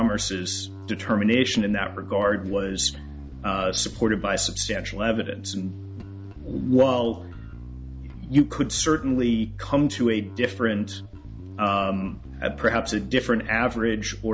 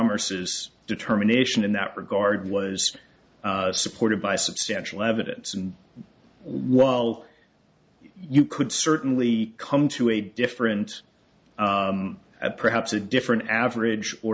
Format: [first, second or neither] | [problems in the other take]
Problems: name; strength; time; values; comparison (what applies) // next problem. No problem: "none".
second | background sound (Bass guitar); 12 dB below the speech